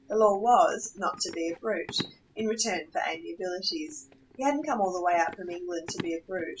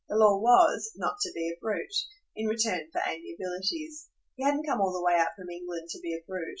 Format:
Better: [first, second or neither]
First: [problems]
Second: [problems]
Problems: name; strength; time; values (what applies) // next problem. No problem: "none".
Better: second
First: background sound (Run); 18 dB below the speech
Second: none